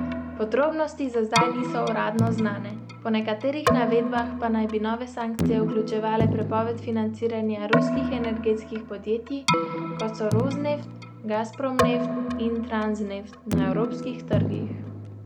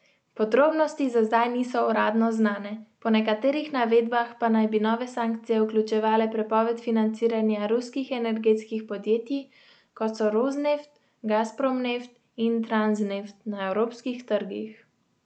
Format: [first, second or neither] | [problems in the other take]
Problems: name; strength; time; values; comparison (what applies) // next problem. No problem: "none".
second | background sound (Keyboard (musical)); 1 dB below the speech